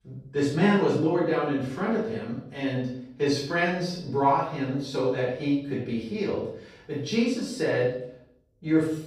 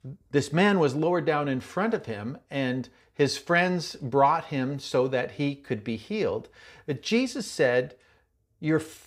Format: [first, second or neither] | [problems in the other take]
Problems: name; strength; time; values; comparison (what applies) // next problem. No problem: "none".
second | off-mic speech; far // room echo; noticeable; dies away in 0.6 s